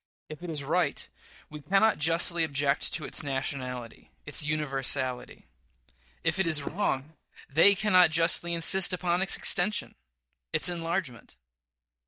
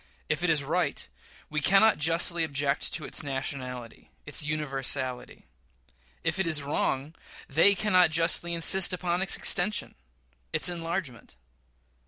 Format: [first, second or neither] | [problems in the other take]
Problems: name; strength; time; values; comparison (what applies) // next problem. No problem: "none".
second | noise reduction (neural mask model DeepFilterNet 3)